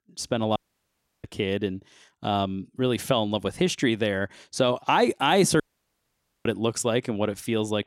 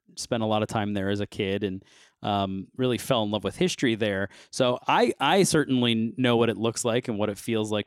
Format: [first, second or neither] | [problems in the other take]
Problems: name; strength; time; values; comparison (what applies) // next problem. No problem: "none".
second | audio cutting out; at 0.5 s for 0.5 s and at 5.5 s for 1 s